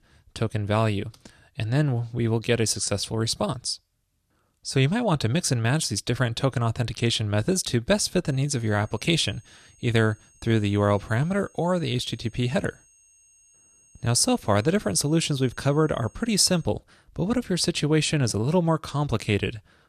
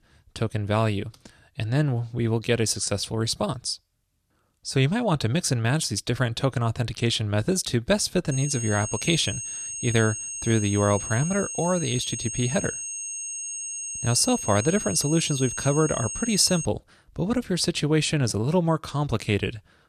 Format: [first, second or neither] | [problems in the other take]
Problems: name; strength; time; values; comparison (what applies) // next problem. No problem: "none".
first | high-pitched whine; loud; from 8.5 to 17 s; 6.5 kHz, 6 dB below the speech; faint in the first